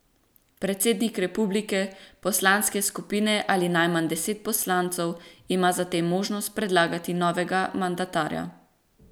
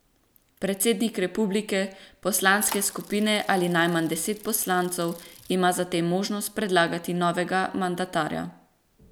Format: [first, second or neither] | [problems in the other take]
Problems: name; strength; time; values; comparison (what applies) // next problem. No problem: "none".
first | background sound (Bicycle); 17 dB below the speech